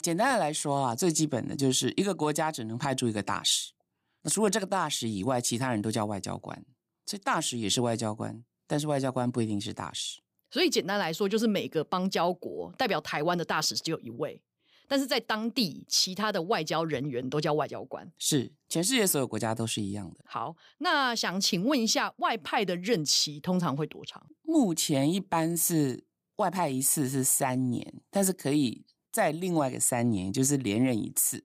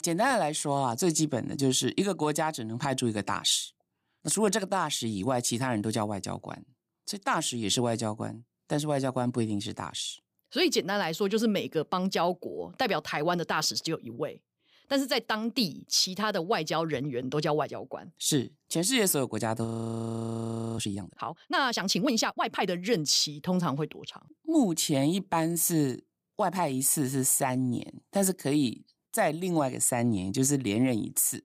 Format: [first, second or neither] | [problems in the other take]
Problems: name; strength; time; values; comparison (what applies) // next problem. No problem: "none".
first | audio freezing; at 20 s for 1 s